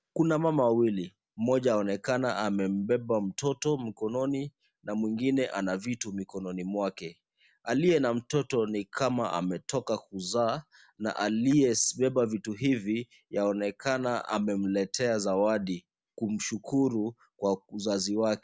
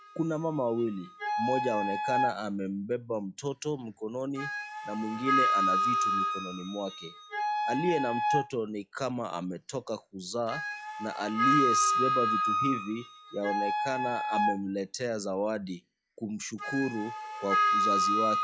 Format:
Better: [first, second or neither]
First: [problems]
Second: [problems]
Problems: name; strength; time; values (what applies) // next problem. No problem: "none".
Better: first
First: none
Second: noise reduction (classical method log-MMSE)